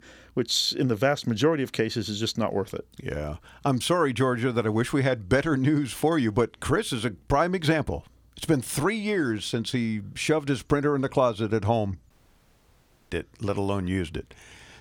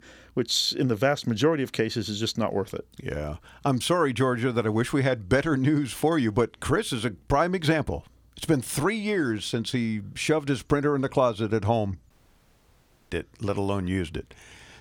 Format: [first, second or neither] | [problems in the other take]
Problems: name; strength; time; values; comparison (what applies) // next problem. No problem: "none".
neither | audio cutting out; at 12 s for 1 s; the same in both